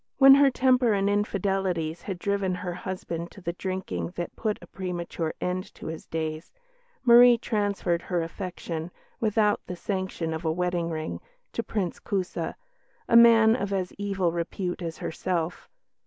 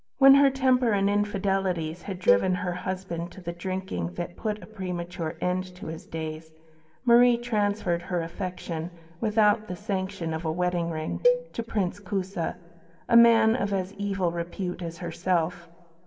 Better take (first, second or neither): first